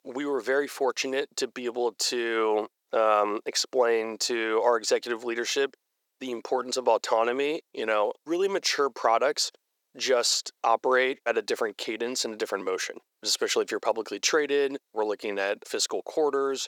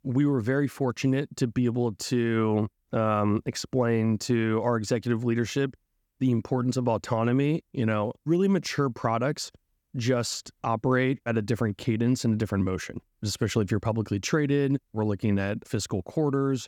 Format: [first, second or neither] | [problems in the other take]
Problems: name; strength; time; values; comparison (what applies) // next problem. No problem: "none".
second | thin; very; fading below 450 Hz